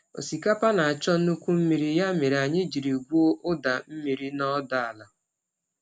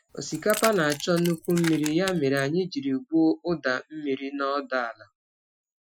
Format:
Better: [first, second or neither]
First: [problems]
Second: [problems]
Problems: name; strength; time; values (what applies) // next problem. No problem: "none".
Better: first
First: none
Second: noise reduction (classical method Wiener filter)